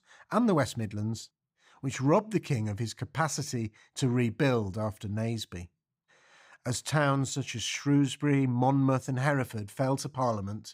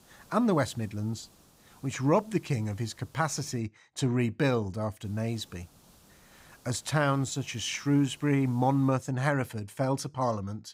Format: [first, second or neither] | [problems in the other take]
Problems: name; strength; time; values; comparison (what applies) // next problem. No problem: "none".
first | hiss; faint; until 3.5 s and from 5 to 9 s; 30 dB below the speech